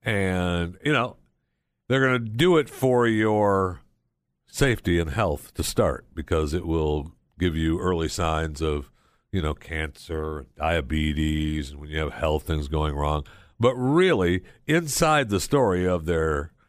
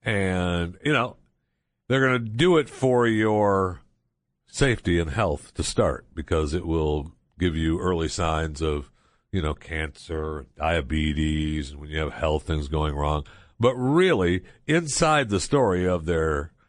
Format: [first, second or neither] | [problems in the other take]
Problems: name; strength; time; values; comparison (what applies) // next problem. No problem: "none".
first | garbled, watery; slightly; nothing above 8.5 kHz